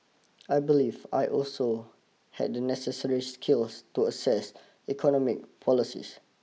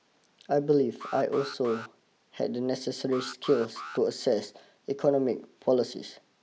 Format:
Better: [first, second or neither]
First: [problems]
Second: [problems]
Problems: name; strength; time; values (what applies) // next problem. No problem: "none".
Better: first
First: none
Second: background sound (Alarm); 15 dB below the speech